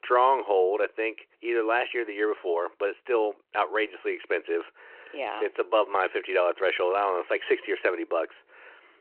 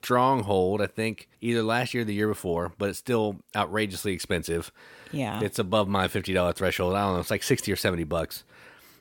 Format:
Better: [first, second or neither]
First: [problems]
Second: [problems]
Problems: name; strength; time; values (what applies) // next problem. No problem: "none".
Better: second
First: phone-call audio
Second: none